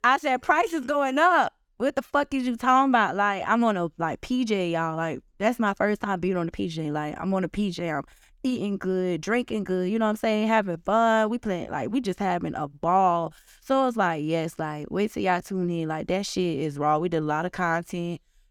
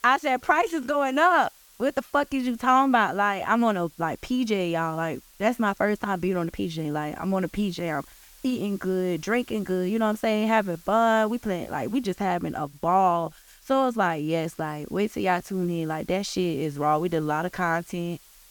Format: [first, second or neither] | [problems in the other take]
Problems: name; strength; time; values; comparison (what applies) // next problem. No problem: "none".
first | hiss; faint; throughout; 25 dB below the speech